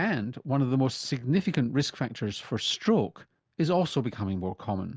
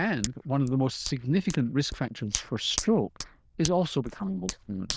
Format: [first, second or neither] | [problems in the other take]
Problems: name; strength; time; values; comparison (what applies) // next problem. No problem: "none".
first | noise reduction (neural diffusion model UNIVERSE++)